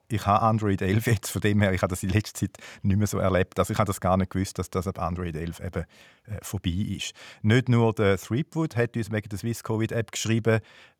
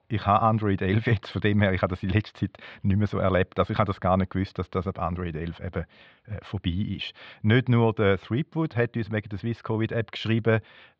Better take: first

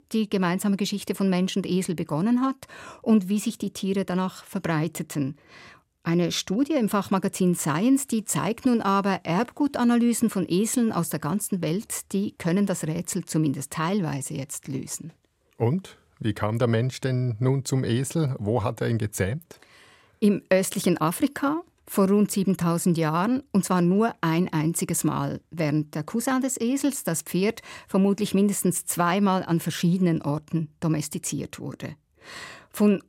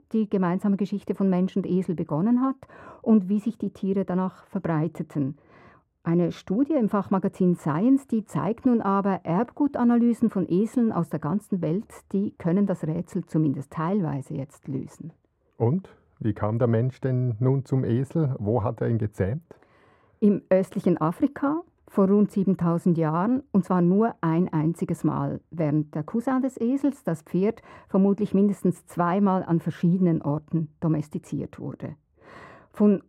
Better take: first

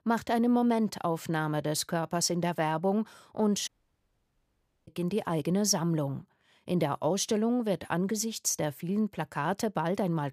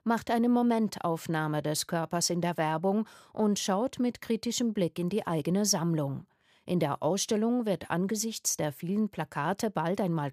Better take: second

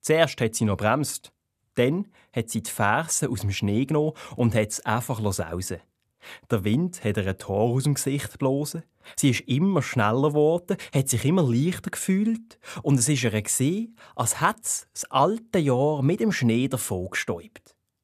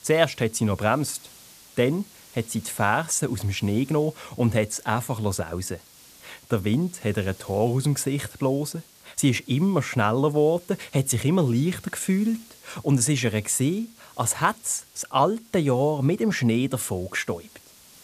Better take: first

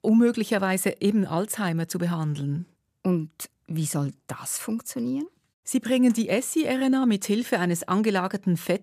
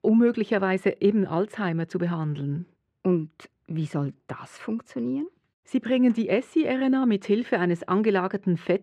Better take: first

